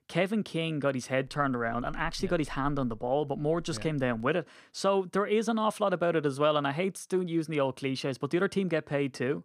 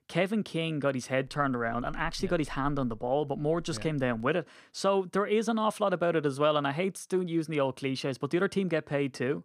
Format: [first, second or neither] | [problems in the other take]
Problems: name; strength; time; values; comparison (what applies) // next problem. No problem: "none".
neither | none